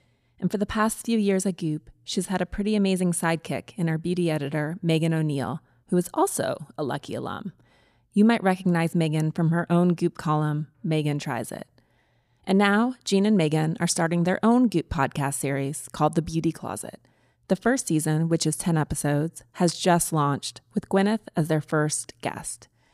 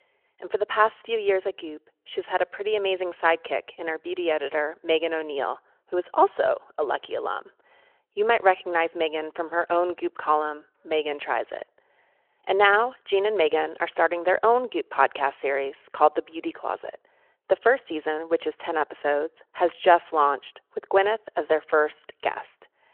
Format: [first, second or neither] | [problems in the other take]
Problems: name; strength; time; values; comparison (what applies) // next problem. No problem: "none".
first | phone-call audio